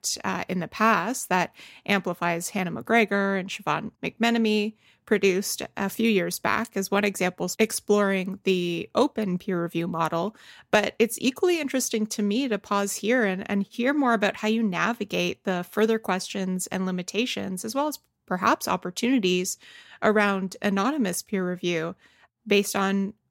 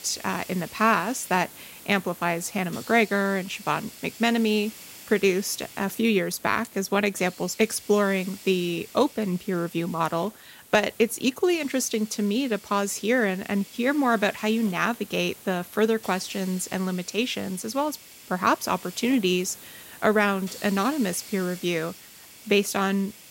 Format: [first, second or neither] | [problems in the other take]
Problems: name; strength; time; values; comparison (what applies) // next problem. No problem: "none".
first | hiss; noticeable; throughout; 20 dB below the speech